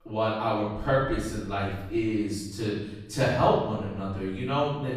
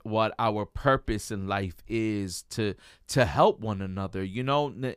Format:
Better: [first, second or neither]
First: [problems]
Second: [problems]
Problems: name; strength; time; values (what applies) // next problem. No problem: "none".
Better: second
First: room echo; noticeable; dies away in 0.9 s // off-mic speech; far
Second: none